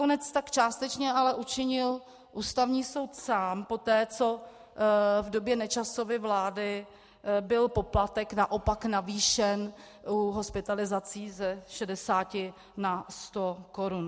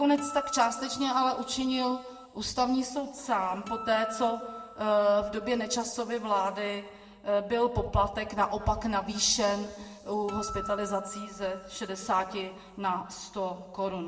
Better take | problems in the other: first | background sound (Acoustic guitar); 12 dB below the speech // room echo; dies away in 1.5 s

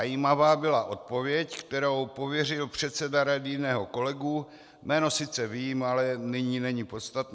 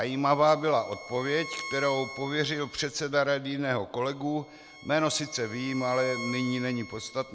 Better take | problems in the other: first | background sound (Bowed string instrument); 14 dB below the speech

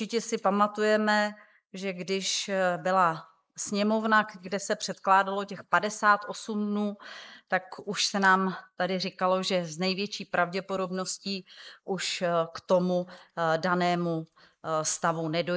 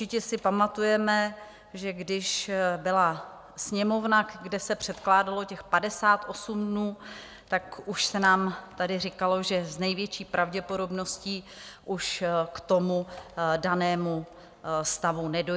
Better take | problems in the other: second | noise reduction (neural mask model Resemble Enhance denoiser)

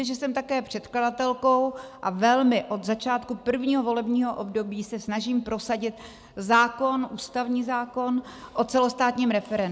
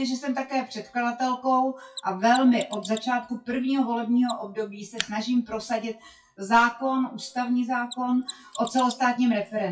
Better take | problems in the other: first | noise reduction (classical method WPE with log-MMSE)

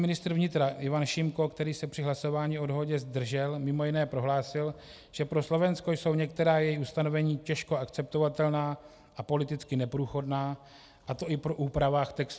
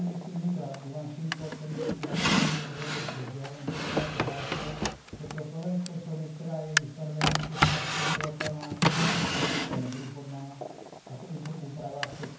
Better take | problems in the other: first | background sound (Drawer open or close); 4 dB above the speech // room echo; dies away in 0.9 s

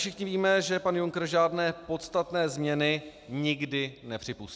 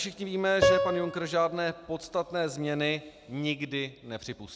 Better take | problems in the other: first | background sound (Piano); 1 dB below the speech

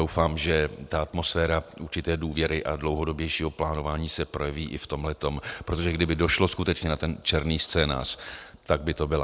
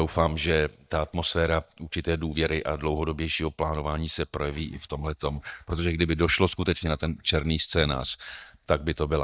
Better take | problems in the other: first | noise reduction (neural mask model DeepFilterNet 3)

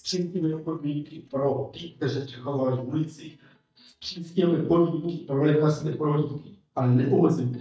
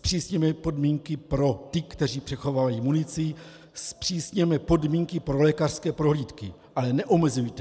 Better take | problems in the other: second | noise reduction (neural mask model DeepFilterNet 3)

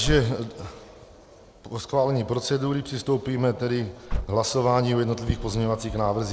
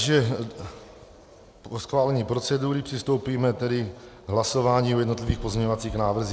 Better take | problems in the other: second | background sound (Slam / Car); 12 dB below the speech

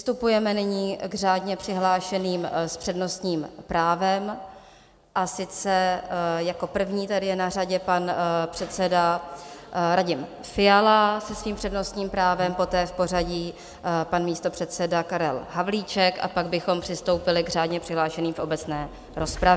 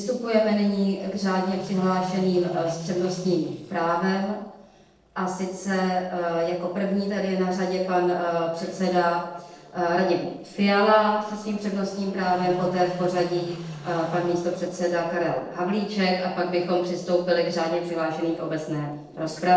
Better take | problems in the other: first | noise reduction (neural separator model SepFormer DNS4)

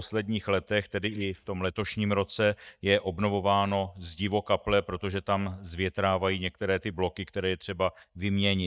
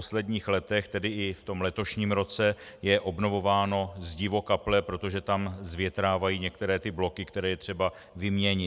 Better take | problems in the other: second | noise reduction (neural mask model DeepFilterNet 3)

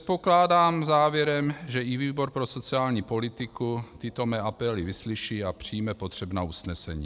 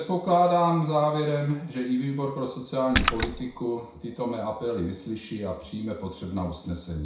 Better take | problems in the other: first | background sound (Splash, splatter); as loud as the speech // room echo; dies away in 0.6 s

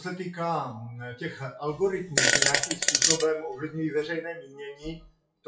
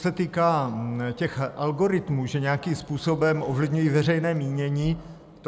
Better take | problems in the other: second | noise reduction (classical method WPE with log-MMSE)

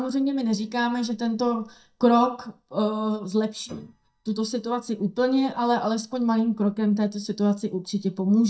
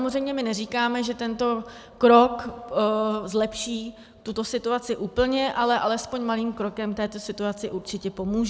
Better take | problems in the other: second | noise reduction (neural mask model DeepFilterNet 3)

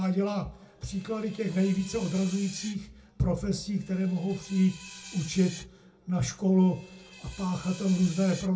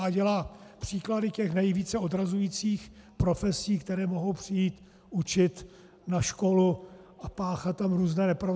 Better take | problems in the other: second | background sound (Screech); 19 dB below the speech // room echo; dies away in 0.2 s

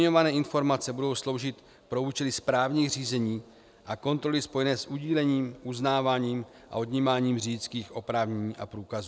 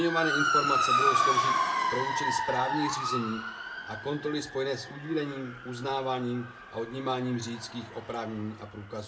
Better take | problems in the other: first | background sound (Motor vehicle (road) / Siren); 2 dB above the speech // room echo; dies away in 0.2 s

